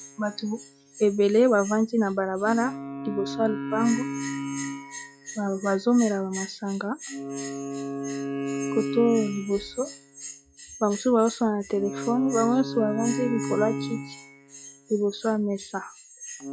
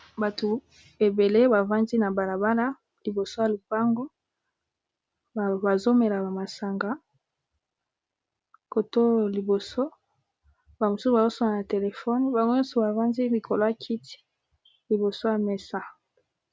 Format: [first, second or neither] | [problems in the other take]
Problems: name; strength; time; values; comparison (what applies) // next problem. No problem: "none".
second | noise reduction (classical method log-MMSE)